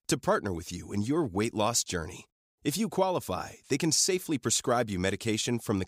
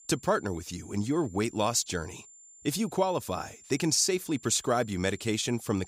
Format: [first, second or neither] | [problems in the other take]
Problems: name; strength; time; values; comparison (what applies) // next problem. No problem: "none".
first | high-pitched whine; faint; throughout; 7 kHz, 20 dB below the speech